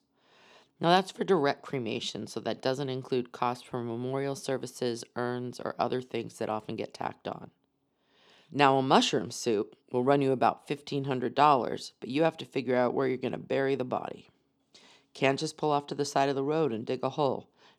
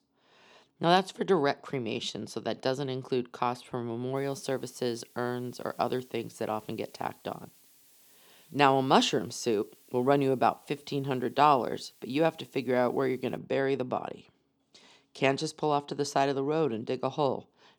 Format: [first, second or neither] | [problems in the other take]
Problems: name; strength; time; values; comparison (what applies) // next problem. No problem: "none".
first | hiss; faint; from 4 to 13 s; 30 dB below the speech